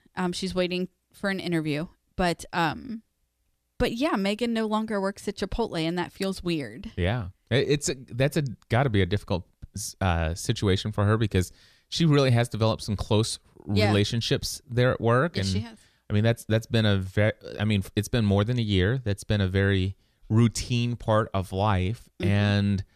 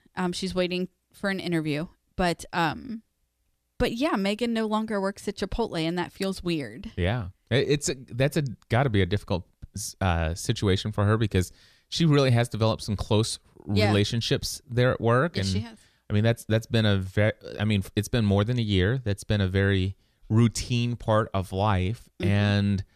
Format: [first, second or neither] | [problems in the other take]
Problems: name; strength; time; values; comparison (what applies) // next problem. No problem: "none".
neither | none